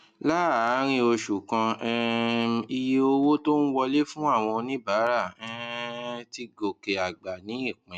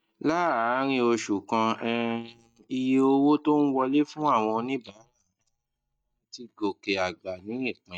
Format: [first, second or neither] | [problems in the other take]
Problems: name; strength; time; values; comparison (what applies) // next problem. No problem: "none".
first | noise reduction (neural mask model DeepFilterNet 3)